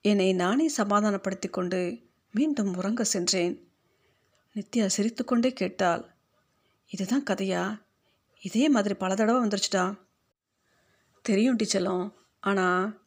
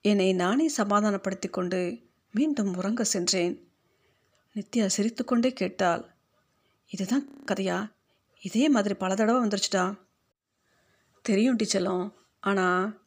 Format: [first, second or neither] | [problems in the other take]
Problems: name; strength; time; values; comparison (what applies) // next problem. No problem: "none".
first | audio freezing; at 7.5 s